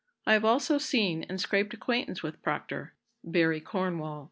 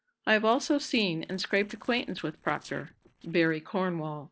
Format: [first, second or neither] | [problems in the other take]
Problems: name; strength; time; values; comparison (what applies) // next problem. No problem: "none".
first | noise reduction (neural separator model SepFormer DNS4)